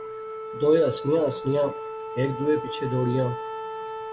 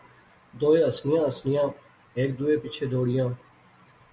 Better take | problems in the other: second | background sound (Wind instrument, woodwind instrument); 8 dB below the speech

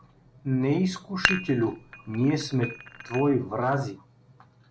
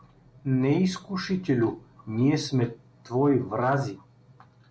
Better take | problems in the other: second | background sound (Dishes, pots, and pans); 6 dB below the speech

